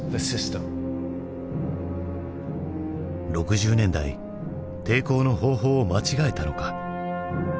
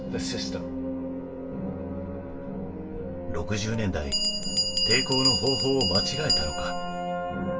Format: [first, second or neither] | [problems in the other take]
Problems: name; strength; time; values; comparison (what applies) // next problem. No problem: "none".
first | background sound (Bell); 2 dB below the speech // room echo; dies away in 0.1 s